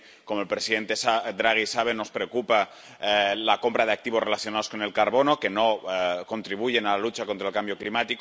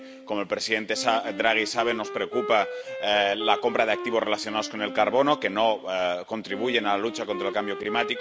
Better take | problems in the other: first | background sound (Wind instrument, woodwind instrument); 11 dB below the speech

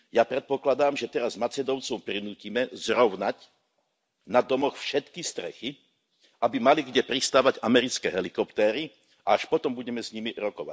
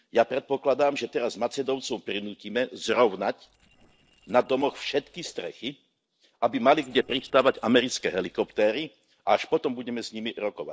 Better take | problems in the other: first | noise reduction (neural separator model SepFormer DNS4)

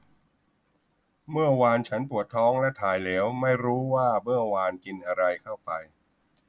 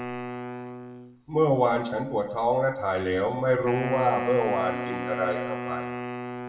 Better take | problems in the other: first | background sound (Wind instrument, woodwind instrument); 8 dB below the speech // room echo; dies away in 0.5 s

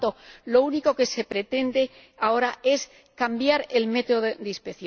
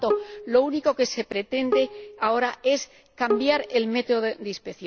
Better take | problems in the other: first | background sound (Bowed string instrument); 8 dB below the speech

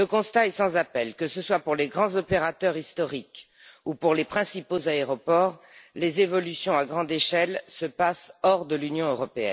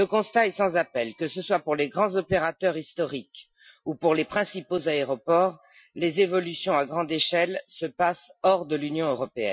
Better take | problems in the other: first | noise reduction (classical method Wiener filter)

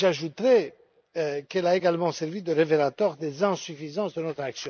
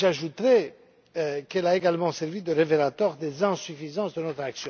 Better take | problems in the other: second | noise reduction (neural mask model Resemble Enhance denoiser)

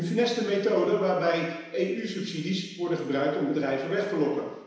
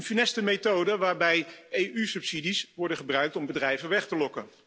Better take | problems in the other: second | room echo; dies away in 1 s

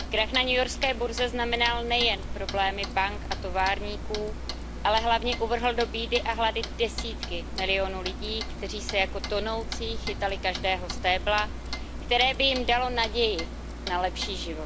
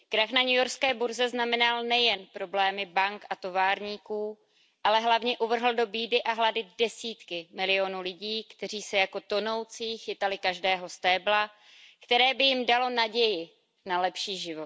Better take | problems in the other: second | background sound (Clock + Walk, footsteps); 6 dB below the speech

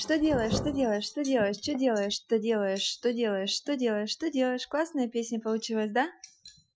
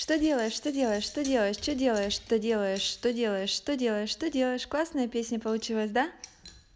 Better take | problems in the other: second | noise reduction (classical method Wiener filter)

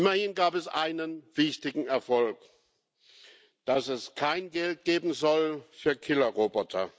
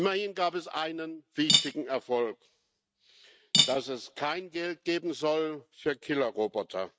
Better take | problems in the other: first | noise reduction (neural mask model RNNoise)

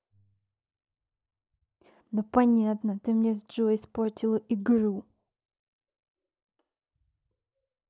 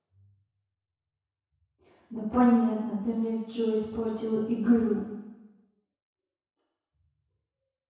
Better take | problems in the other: first | room echo; dies away in 1.1 s

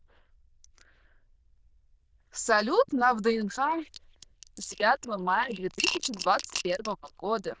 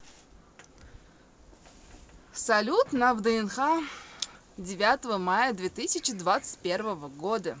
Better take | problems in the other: second | noise reduction (neural diffusion model UNIVERSE++)

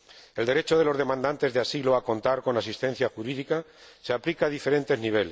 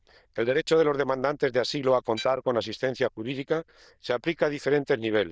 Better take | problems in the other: first | noise reduction (neural diffusion model UNIVERSE++)

